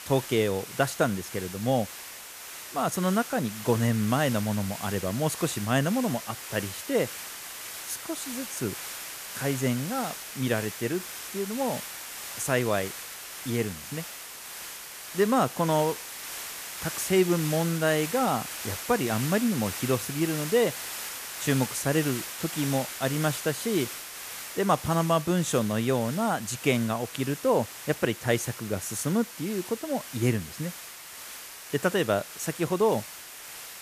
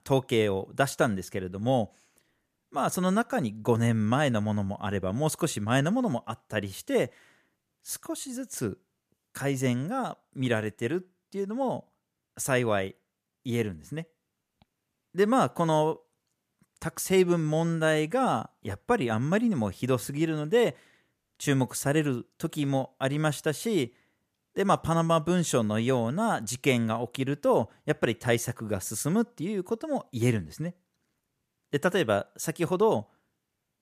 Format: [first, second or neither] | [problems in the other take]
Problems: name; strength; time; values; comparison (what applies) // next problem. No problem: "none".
second | hiss; loud; throughout; 8 dB below the speech